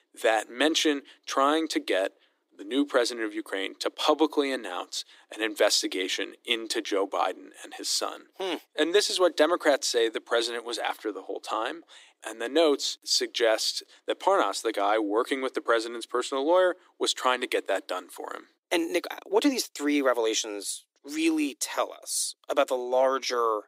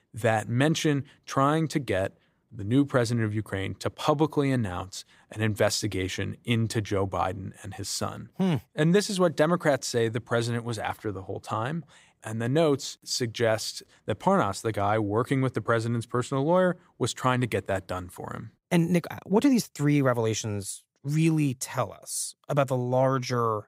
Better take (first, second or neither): second